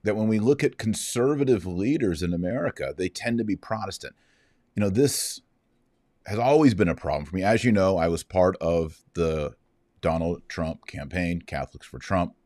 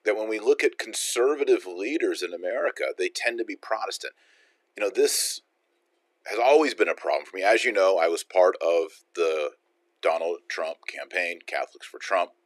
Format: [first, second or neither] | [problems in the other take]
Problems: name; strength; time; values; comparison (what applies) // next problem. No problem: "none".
first | thin; very; fading below 350 Hz